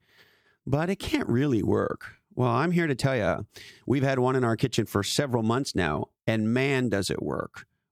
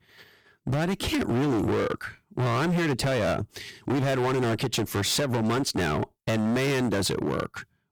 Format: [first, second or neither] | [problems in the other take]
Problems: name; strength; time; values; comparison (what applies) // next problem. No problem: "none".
first | distortion; heavy; 27% of the sound clipped